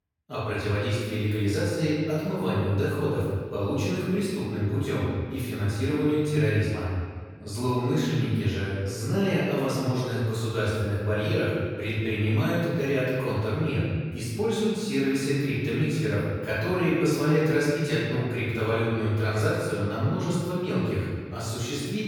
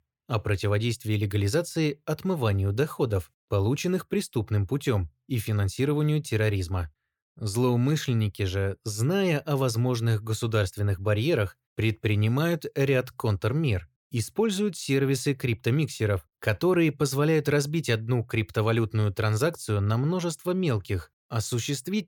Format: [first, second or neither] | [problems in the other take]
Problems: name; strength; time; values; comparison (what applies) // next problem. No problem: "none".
second | off-mic speech; far // room echo; strong; dies away in 1.5 s